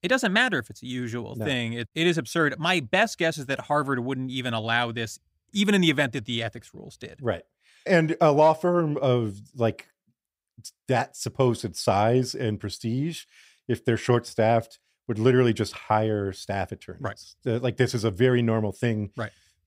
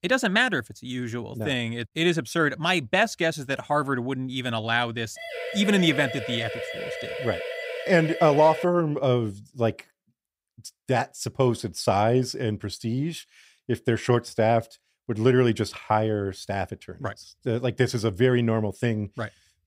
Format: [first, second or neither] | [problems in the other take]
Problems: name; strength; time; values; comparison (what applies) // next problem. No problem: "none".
first | siren; noticeable; from 5 to 8.5 s; peak 7 dB below the speech